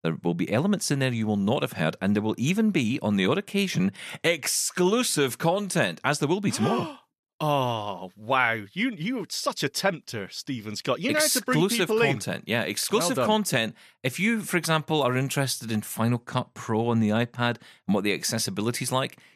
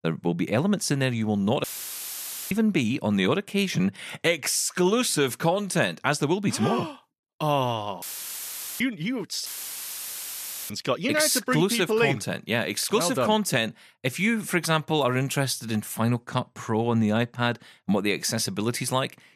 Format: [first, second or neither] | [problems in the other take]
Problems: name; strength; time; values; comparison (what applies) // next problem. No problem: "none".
first | audio cutting out; filled with static; at 1.5 s for 1 s, at 8 s for 1 s and at 9.5 s for 1 s